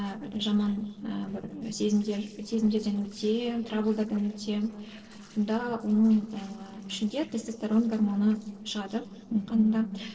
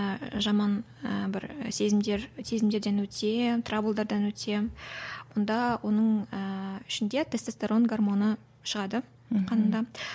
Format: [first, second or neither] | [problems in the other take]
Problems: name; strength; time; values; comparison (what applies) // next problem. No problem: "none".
second | noise reduction (neural separator model SepFormer DNS4)